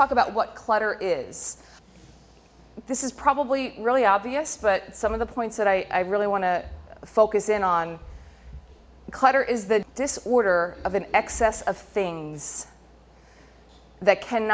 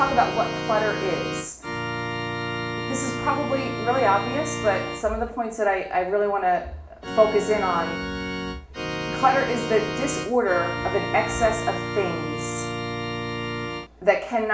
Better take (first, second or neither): first